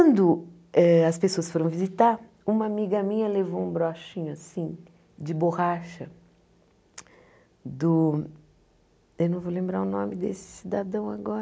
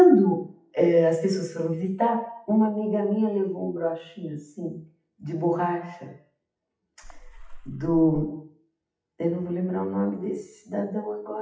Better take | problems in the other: first | noise reduction (classical method WPE with log-MMSE)

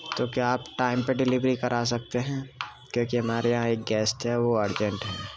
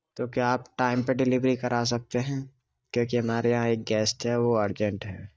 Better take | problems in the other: first | noise reduction (neural mask model DeepFilterNet 3)

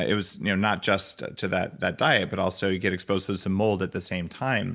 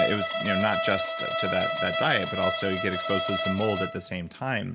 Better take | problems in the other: first | background sound (Bowed string instrument); as loud as the speech

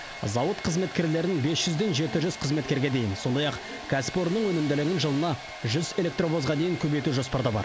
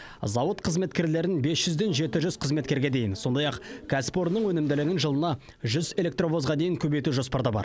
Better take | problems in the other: second | background sound (Domestic sounds, home sounds); 13 dB below the speech

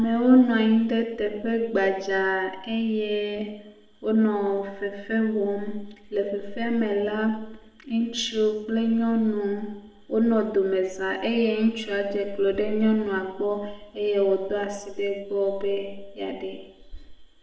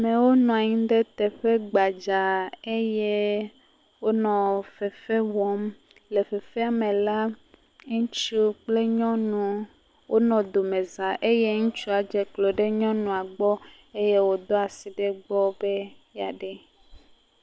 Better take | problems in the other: second | room echo; dies away in 0.8 s

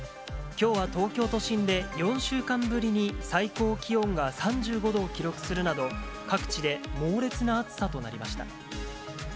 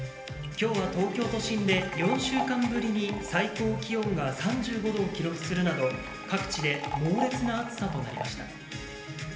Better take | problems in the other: first | background sound (Liquid); 10 dB below the speech // room echo; dies away in 1.4 s

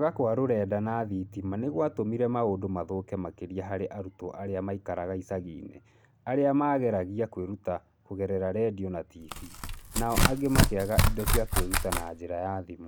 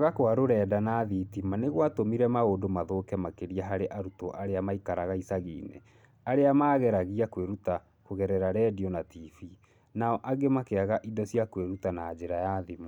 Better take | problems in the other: second | background sound (Tearing); 4 dB above the speech

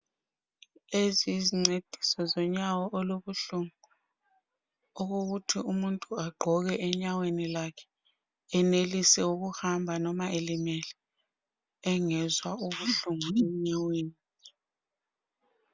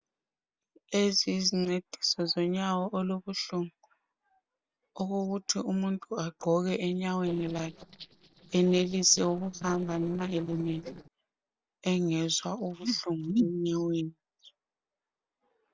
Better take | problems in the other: first | noise reduction (neural separator model SepFormer DNS4)

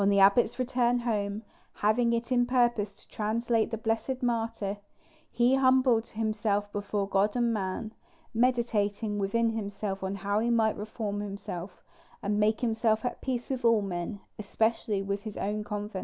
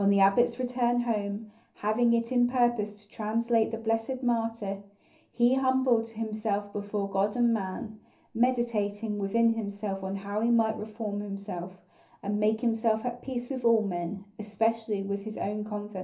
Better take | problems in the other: first | room echo; dies away in 0.3 s

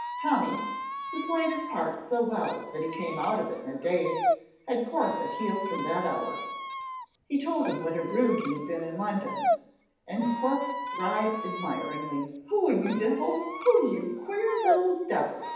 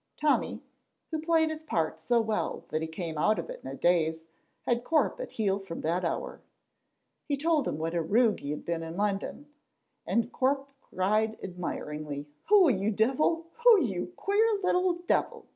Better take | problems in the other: second | background sound (Squeak); 6 dB below the speech // room echo; dies away in 0.9 s

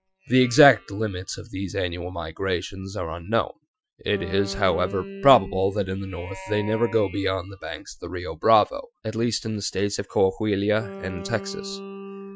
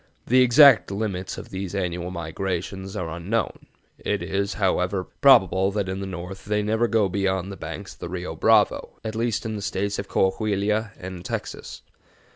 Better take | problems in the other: second | noise reduction (classical method Wiener filter)

